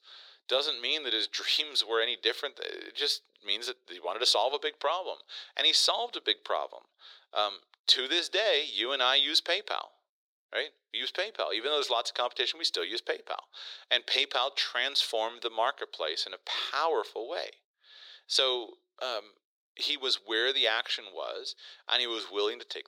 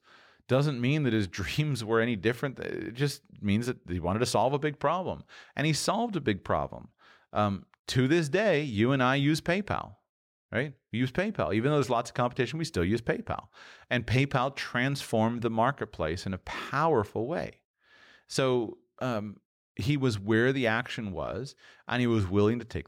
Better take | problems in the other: second | thin; very; fading below 400 Hz

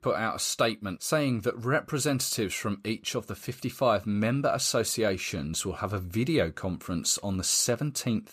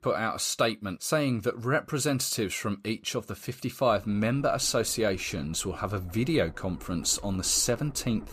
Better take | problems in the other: first | low rumble; faint; from 4 s on; 25 dB below the speech

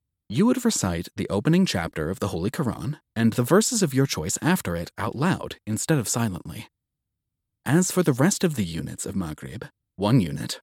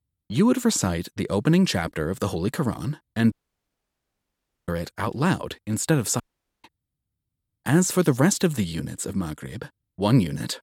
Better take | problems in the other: first | audio cutting out; at 3.5 s for 1.5 s and at 6 s

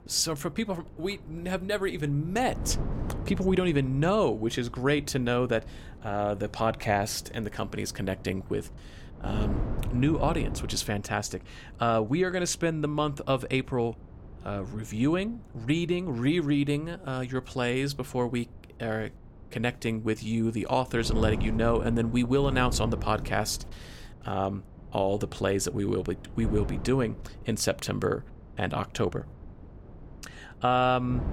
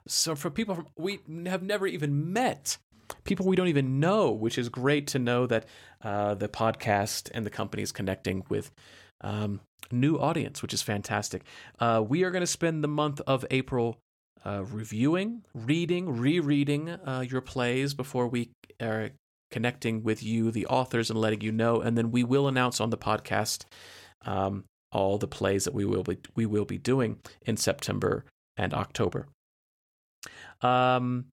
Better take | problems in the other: second | wind noise on the microphone; occasional gusts; 20 dB below the speech

